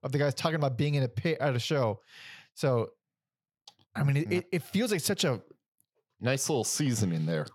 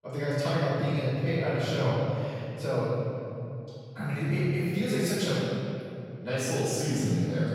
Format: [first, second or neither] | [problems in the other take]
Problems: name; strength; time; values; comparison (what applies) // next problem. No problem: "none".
first | off-mic speech; far // room echo; strong; dies away in 2.5 s